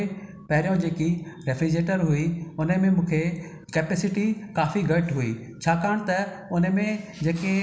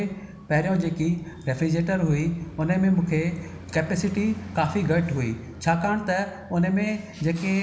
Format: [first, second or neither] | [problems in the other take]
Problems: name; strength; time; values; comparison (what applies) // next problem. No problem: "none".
first | background sound (Traffic noise, roadway noise); 18 dB below the speech